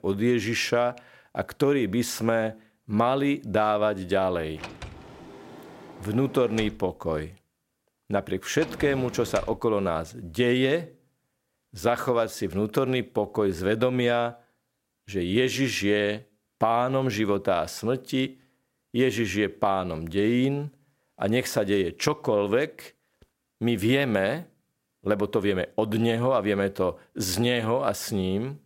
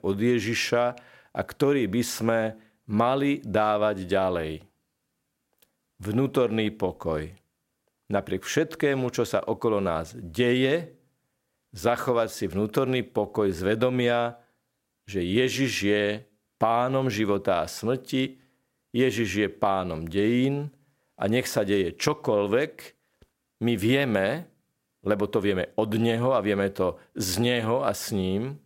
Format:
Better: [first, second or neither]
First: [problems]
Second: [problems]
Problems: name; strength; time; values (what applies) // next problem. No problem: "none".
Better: second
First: door banging; faint; from 4.5 to 9.5 s; peak 10 dB below the speech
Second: none